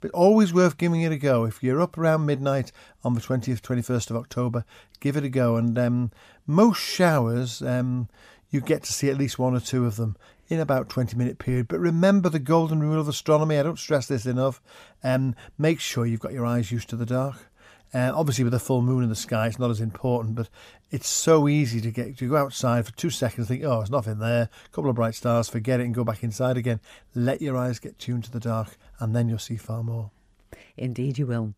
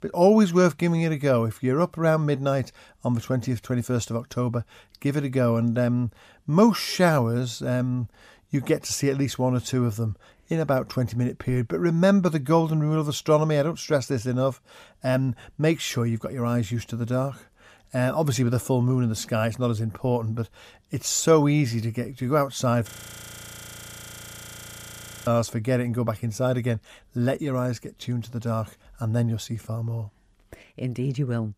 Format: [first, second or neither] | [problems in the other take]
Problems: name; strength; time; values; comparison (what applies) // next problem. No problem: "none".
first | audio freezing; at 23 s for 2.5 s